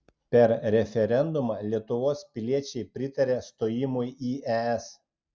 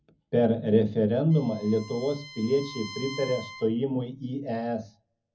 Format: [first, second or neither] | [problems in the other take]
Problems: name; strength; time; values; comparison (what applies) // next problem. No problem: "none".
first | background sound (Bowed string instrument); 17 dB below the speech // room echo; dies away in 0.4 s